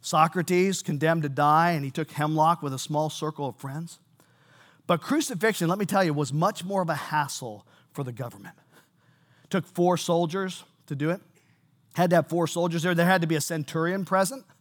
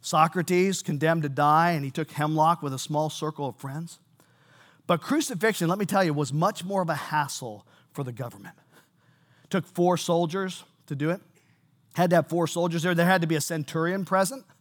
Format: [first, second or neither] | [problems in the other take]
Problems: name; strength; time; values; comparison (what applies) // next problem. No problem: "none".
neither | none